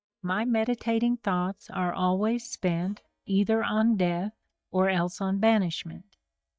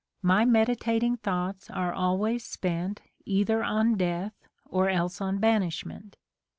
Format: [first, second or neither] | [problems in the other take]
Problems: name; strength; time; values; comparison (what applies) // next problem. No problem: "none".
second | noise reduction (neural mask model DeepFilterNet 3)